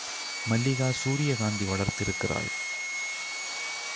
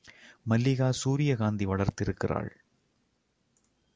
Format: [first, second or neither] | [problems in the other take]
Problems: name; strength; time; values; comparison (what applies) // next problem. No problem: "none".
second | background sound (Sawing); 3 dB below the speech